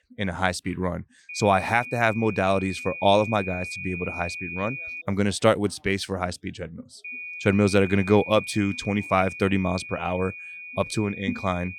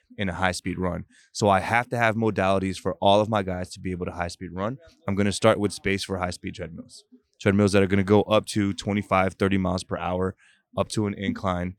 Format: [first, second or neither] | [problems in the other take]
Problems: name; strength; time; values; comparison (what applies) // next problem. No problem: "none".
second | high-pitched whine; loud; from 1.5 to 5 s and from 7 s on; 2.5 kHz, 10 dB below the speech